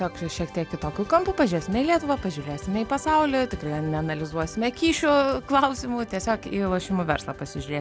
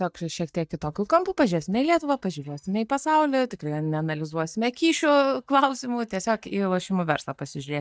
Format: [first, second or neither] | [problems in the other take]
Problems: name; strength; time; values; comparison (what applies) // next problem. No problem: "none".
first | noise reduction (neural mask model DeepFilterNet 3)